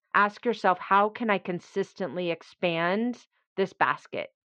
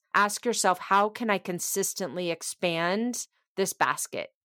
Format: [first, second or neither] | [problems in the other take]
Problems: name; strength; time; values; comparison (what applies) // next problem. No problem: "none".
second | muffled; very; fading above 3 kHz